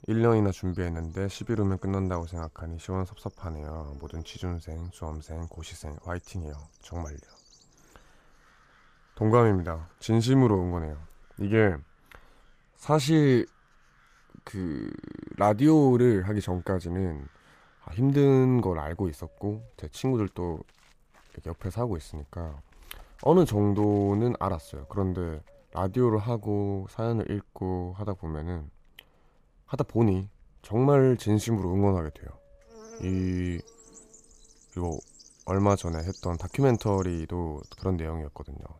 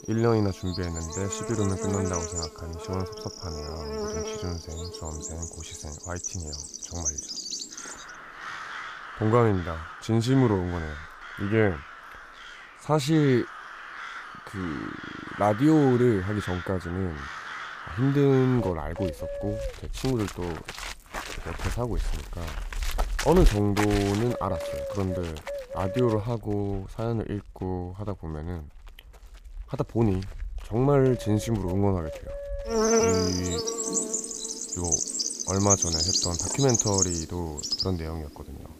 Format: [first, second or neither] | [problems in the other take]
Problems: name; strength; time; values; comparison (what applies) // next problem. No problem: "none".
first | animal sounds; loud; throughout; 4 dB below the speech; faint in the first